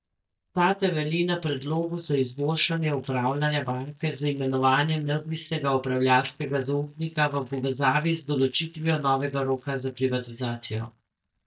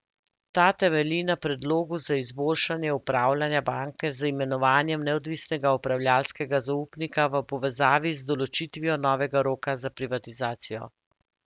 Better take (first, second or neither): second